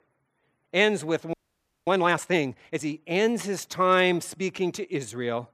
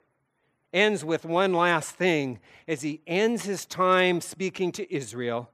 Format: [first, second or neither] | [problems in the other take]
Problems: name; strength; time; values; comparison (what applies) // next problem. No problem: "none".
second | audio freezing; at 1.5 s for 0.5 s